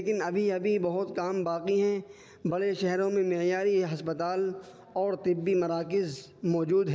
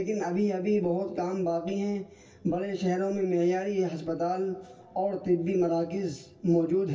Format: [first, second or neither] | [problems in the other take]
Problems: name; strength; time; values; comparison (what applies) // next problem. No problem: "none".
first | room echo; dies away in 0.2 s